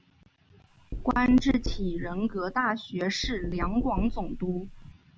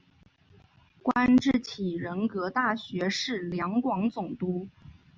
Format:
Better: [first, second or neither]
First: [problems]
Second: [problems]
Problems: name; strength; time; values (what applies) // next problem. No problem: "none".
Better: second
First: background sound (Knock); 6 dB below the speech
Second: none